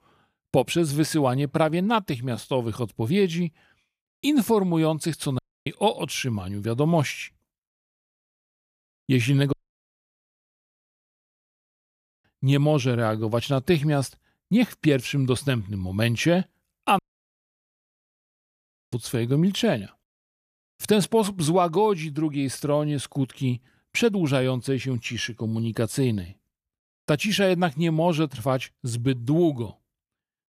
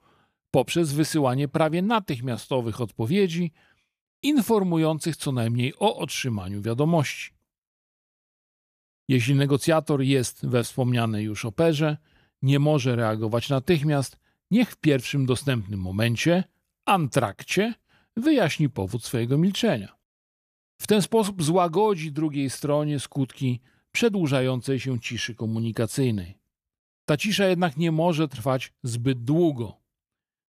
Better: second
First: audio cutting out; at 5.5 s, at 9.5 s for 2.5 s and at 17 s for 2 s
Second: none

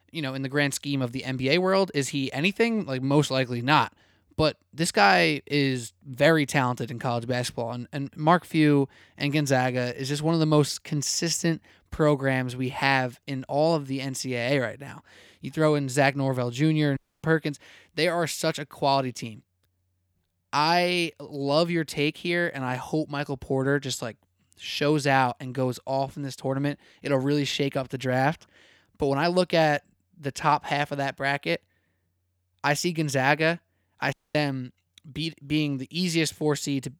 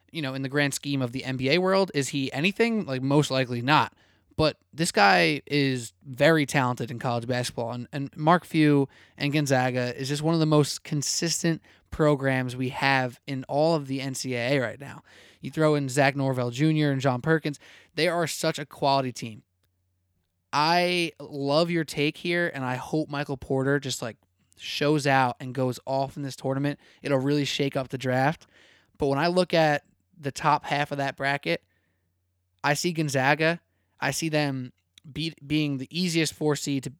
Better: second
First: audio cutting out; at 17 s and at 34 s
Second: none

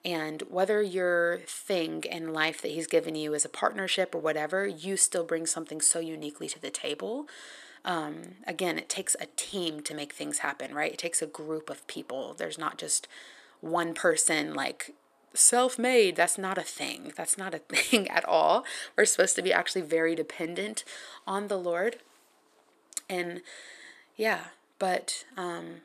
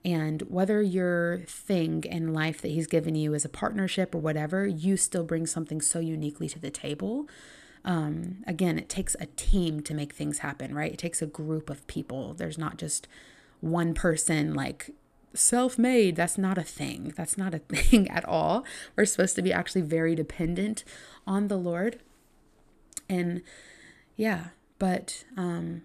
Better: second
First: thin; somewhat; fading below 500 Hz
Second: none

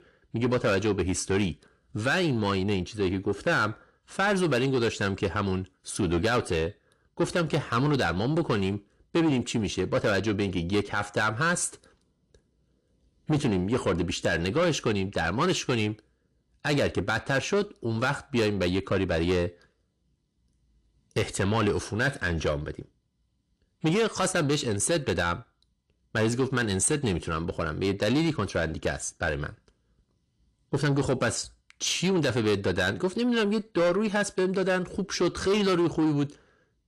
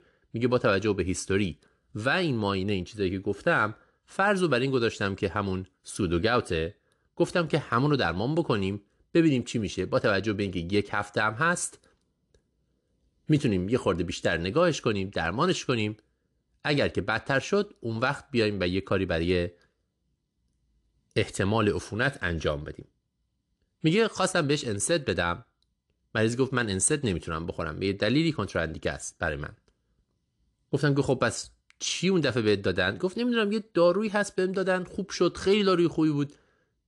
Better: second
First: distortion; slight; 10 dB below the speech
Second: none

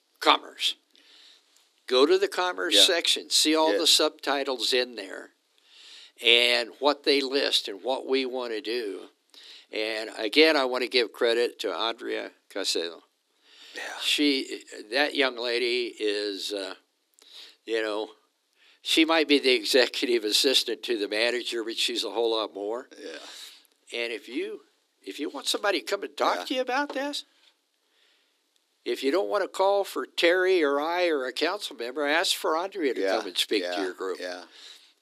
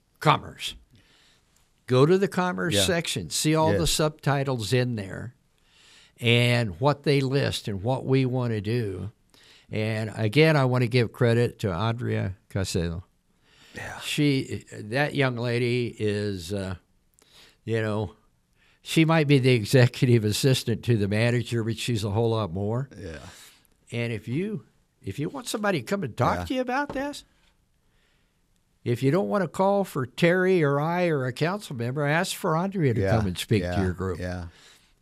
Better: second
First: thin; somewhat; fading below 300 Hz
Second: none

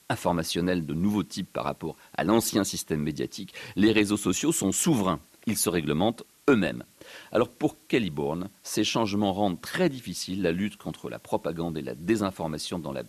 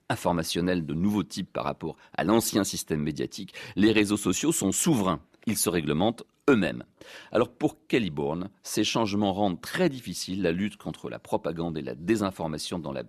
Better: second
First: hiss; faint; throughout; 30 dB below the speech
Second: none

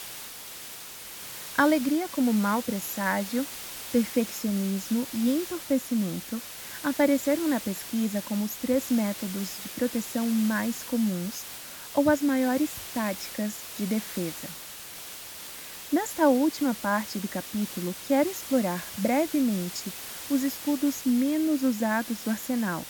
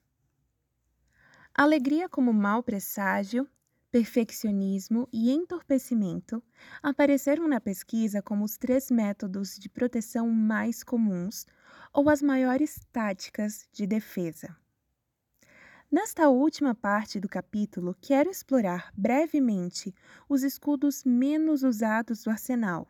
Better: second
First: hiss; loud; throughout; 10 dB below the speech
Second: none

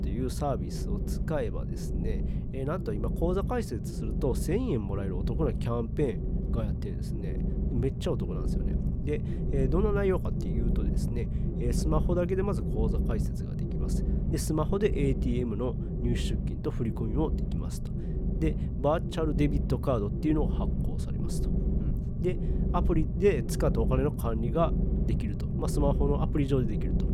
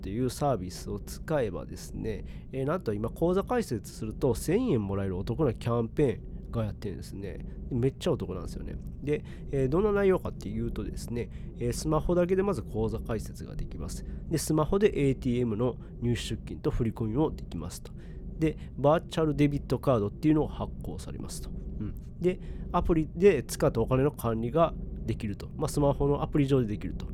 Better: second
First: low rumble; loud; throughout; 8 dB below the speech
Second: low rumble; faint; throughout; 20 dB below the speech

